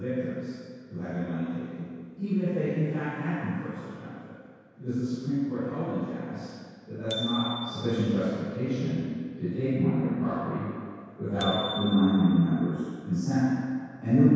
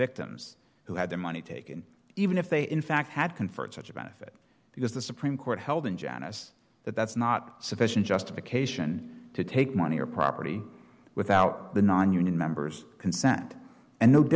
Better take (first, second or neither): second